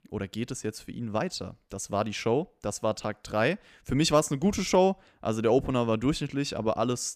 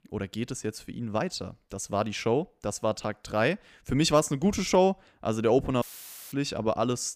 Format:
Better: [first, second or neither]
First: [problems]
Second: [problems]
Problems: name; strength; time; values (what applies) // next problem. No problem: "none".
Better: first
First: none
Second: audio cutting out; filled with static; at 6 s for 0.5 s